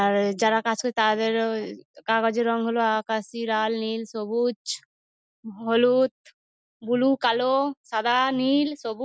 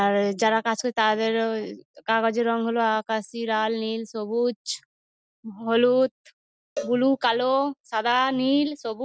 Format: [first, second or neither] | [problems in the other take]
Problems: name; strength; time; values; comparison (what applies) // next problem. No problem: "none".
first | noise reduction (neural separator model SepFormer DNS4)